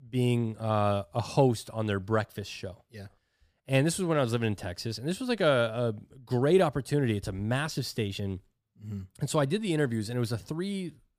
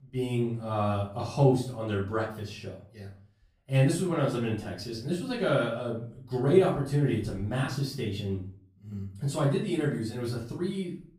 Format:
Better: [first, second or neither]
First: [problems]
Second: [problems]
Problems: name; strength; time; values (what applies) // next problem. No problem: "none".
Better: first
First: none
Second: off-mic speech; far // room echo; slight; dies away in 0.4 s